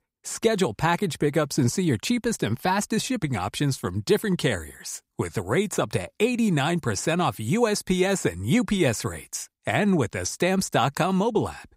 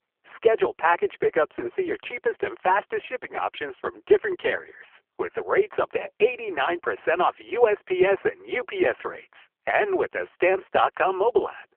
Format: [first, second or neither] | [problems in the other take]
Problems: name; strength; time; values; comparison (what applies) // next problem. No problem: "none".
first | phone-call audio; poor line